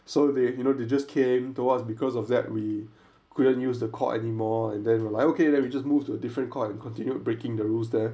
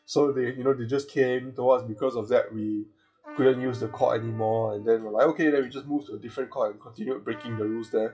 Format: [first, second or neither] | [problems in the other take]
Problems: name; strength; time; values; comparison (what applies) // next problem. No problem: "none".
first | noise reduction (classical method WPE with log-MMSE)